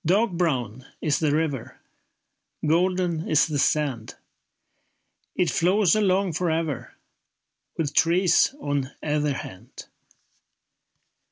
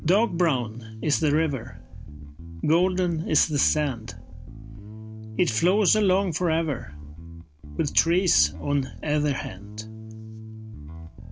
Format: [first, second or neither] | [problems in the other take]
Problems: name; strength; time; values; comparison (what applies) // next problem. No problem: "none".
first | background sound (Bass guitar); 11 dB below the speech